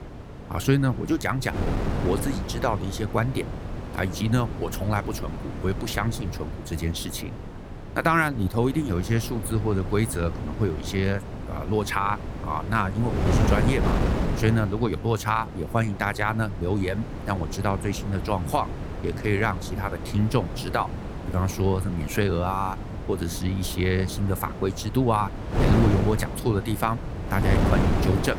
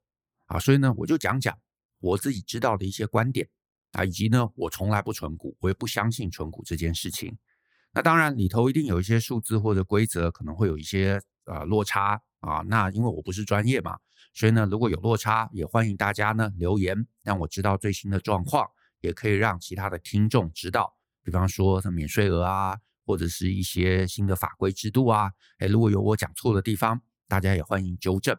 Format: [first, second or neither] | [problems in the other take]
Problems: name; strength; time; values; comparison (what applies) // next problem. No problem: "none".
second | wind noise on the microphone; heavy; 8 dB below the speech